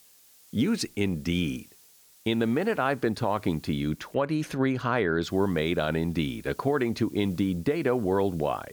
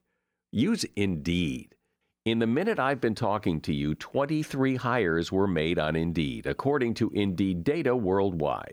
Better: second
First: hiss; faint; until 4 s and from 5 s on; 25 dB below the speech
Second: none

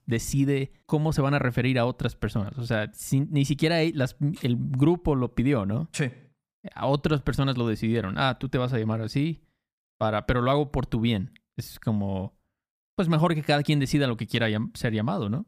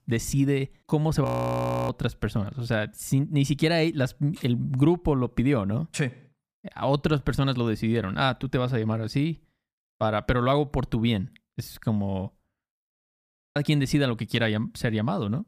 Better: first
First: none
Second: audio freezing; at 1.5 s for 0.5 s and at 13 s for 0.5 s

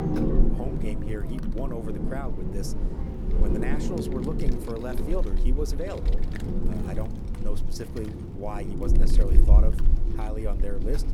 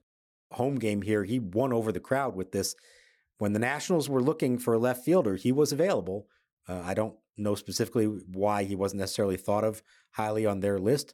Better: second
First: wind noise on the microphone; heavy; 1 dB below the speech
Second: none

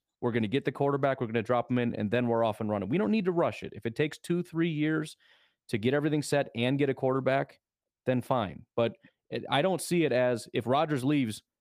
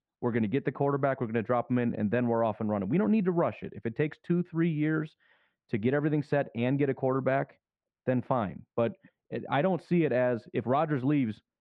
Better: first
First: none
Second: muffled; very; fading above 2 kHz

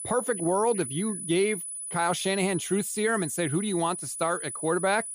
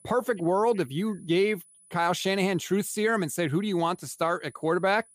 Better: second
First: high-pitched whine; loud; throughout; 10 kHz, 6 dB below the speech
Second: high-pitched whine; faint; throughout; 10 kHz, 25 dB below the speech

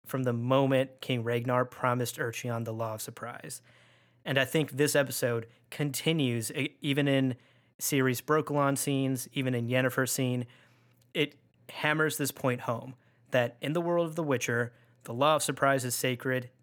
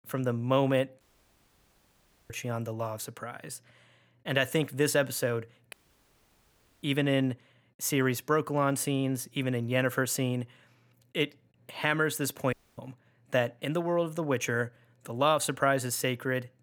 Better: first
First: none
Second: audio cutting out; at 1 s for 1.5 s, at 5.5 s for 1 s and at 13 s

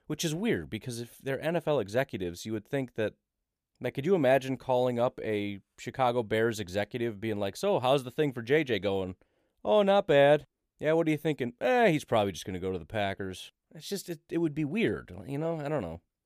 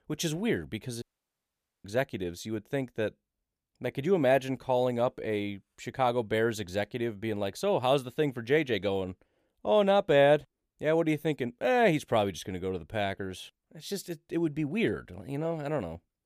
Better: first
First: none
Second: audio cutting out; at 1 s for 1 s

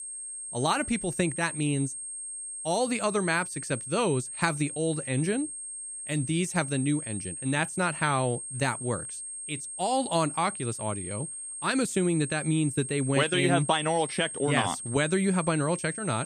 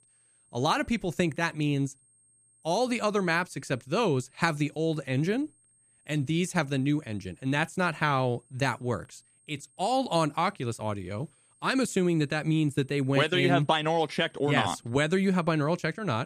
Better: second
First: high-pitched whine; loud; throughout; 8.5 kHz, 7 dB below the speech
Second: high-pitched whine; faint; throughout; 8.5 kHz, 35 dB below the speech

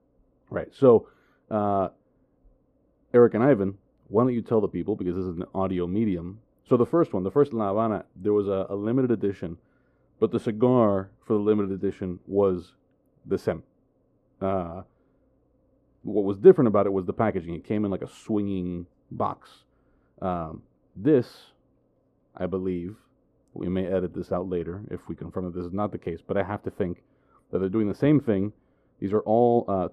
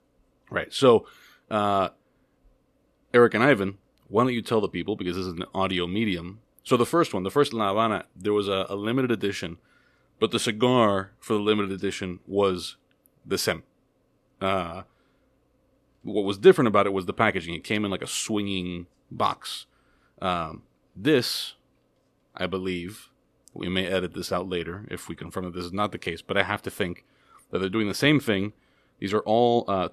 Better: second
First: muffled; very; fading above 1.5 kHz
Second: none

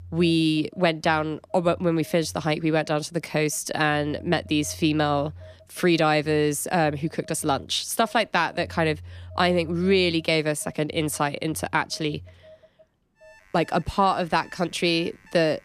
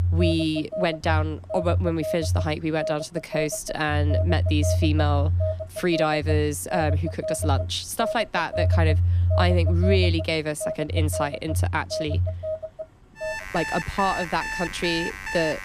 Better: first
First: alarms or sirens; faint; throughout; 25 dB below the speech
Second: alarms or sirens; loud; throughout; as loud as the speech

